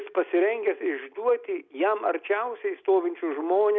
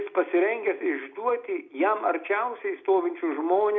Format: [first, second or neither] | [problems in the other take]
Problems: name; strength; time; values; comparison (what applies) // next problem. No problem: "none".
first | room echo; dies away in 0.2 s